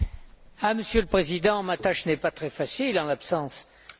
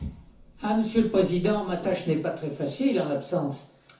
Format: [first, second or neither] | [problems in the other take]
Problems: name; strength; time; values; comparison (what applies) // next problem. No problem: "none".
first | room echo; dies away in 0.9 s